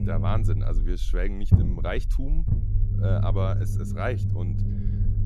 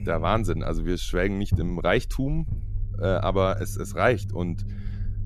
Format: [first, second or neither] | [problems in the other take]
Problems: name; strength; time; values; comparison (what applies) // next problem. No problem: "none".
second | low rumble; loud; throughout; 5 dB below the speech; faint in the second